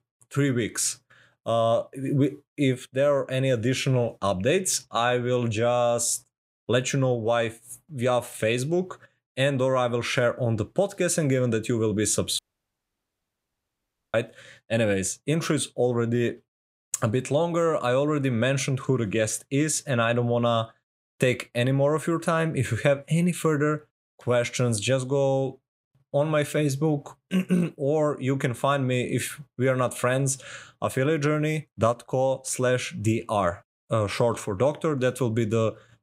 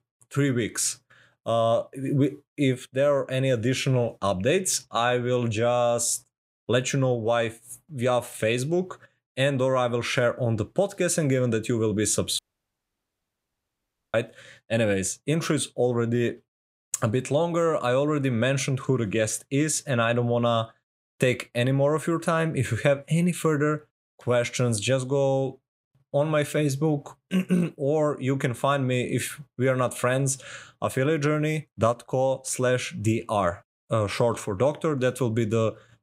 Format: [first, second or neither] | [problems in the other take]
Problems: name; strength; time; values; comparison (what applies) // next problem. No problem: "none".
neither | audio cutting out; at 12 s for 2 s; the same in both